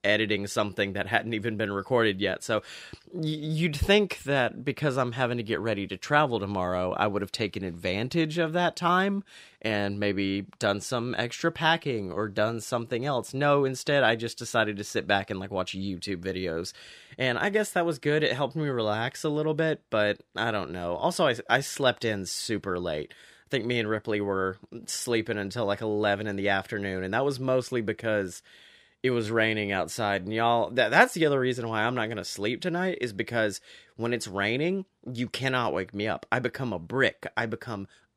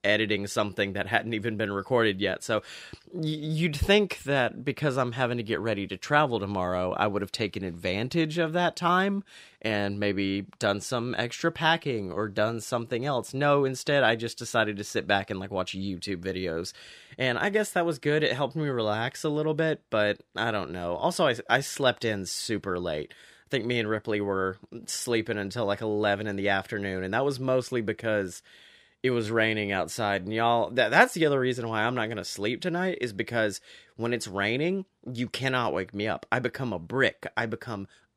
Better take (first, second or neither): neither